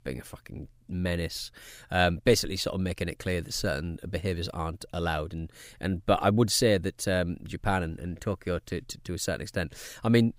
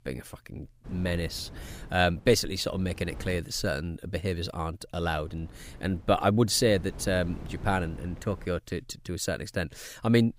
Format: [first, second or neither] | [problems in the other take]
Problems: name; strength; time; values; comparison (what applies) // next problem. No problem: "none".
first | wind noise on the microphone; occasional gusts; from 1 to 3.5 s and from 5 to 8.5 s; 20 dB below the speech